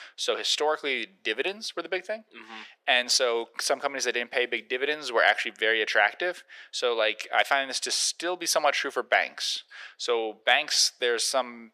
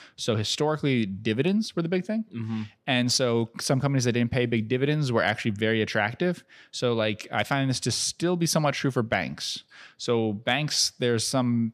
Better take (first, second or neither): second